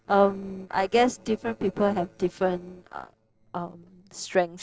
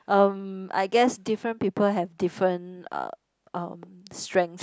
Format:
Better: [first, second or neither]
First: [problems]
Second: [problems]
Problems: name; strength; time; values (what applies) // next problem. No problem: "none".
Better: second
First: noise reduction (neural separator model SepFormer DNS4)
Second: none